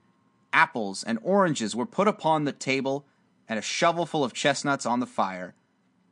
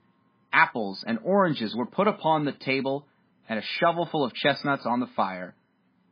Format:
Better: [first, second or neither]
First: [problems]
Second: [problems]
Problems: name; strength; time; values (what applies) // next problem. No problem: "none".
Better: first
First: garbled, watery; slightly; nothing above 9 kHz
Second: garbled, watery; badly; nothing above 5 kHz